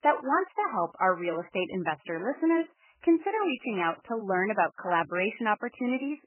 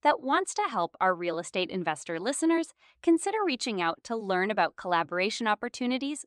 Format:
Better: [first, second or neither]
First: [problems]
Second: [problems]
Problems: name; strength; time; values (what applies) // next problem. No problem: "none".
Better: second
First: garbled, watery; badly; nothing above 3 kHz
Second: none